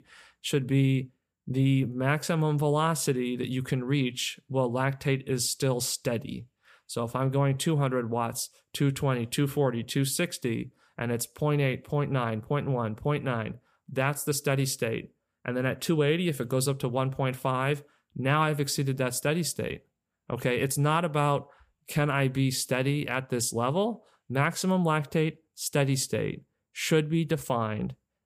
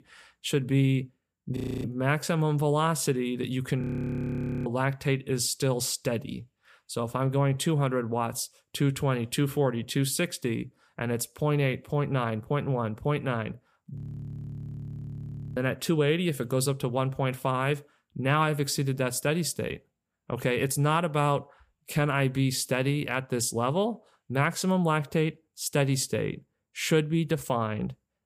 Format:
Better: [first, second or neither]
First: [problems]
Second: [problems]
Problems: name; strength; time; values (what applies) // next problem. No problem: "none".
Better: first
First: none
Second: audio freezing; at 1.5 s, at 4 s for 1 s and at 14 s for 1.5 s